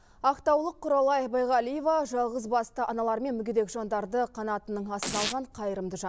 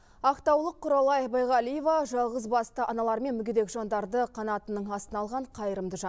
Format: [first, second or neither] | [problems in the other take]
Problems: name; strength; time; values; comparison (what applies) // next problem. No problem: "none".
second | background sound (Domestic sounds, home sounds); 8 dB below the speech